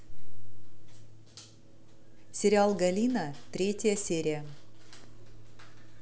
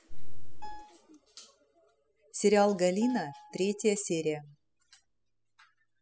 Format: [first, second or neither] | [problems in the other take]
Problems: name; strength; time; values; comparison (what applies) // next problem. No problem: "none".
first | noise reduction (classical method spectral subtraction)